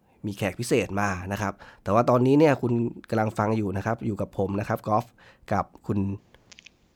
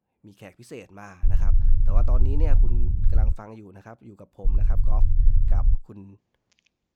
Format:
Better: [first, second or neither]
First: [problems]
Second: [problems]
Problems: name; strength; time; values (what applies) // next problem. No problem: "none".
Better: first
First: none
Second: low rumble; loud; from 1 to 3.5 s and from 4.5 to 6 s; 4 dB below the speech